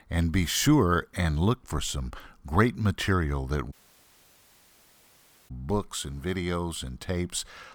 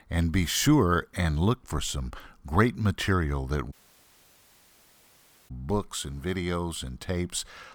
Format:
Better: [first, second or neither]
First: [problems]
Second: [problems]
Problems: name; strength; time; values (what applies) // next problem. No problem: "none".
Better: neither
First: audio cutting out; at 3.5 s for 2 s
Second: audio cutting out; at 3.5 s for 2 s